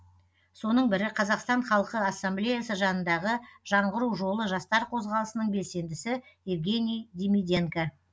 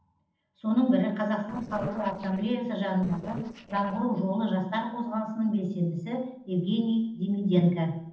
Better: first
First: none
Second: noise reduction (neural separator model SepFormer DNS4)

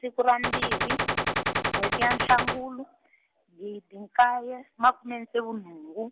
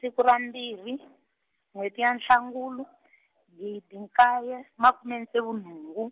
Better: second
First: background sound (Gunshot, gunfire); 1 dB above the speech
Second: none

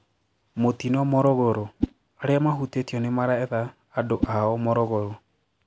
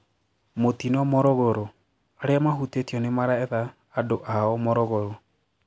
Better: second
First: background sound (Whoosh, swoosh, swish); 12 dB below the speech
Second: none

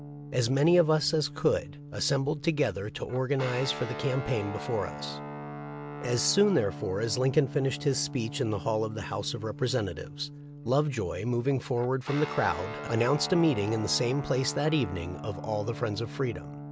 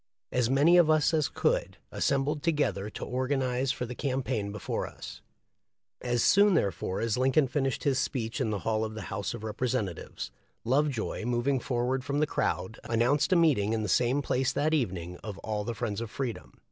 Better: second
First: background sound (Guitar); 11 dB below the speech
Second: none

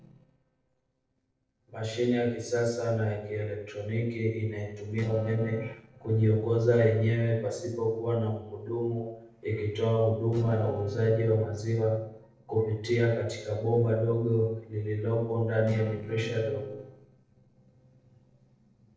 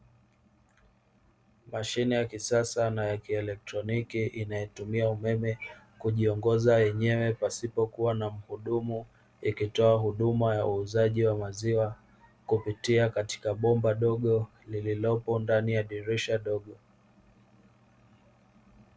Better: second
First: noise reduction (neural separator model SepFormer DNS4)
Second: none

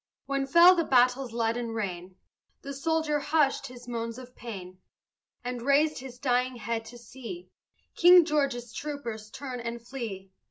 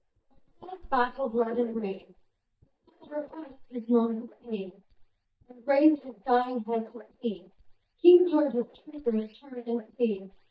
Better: first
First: none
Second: noise reduction (neural mask model DeepFilterNet 3)

